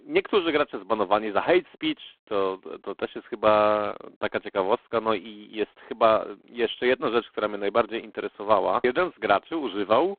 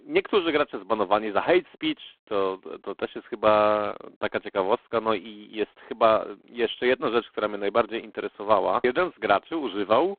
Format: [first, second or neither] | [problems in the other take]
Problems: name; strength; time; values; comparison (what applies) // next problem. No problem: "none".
neither | phone-call audio; poor line; the same in both